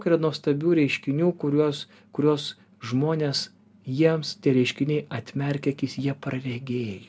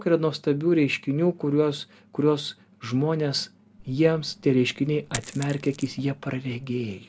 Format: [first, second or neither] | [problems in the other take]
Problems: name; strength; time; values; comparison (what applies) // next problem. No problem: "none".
first | background sound (Coin (dropping)); 18 dB below the speech